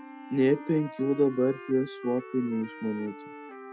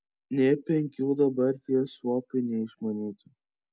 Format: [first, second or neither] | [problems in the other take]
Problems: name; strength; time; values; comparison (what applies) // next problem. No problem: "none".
second | background sound (Wind instrument, woodwind instrument + Wind instrument, woodwind instrument); 15 dB below the speech